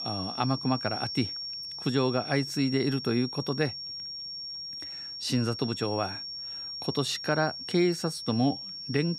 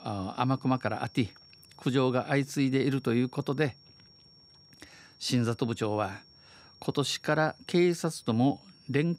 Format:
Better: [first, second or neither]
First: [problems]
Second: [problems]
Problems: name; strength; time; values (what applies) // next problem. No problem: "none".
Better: second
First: high-pitched whine; loud; throughout; 5.5 kHz, 6 dB below the speech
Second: high-pitched whine; faint; throughout; 5.5 kHz, 25 dB below the speech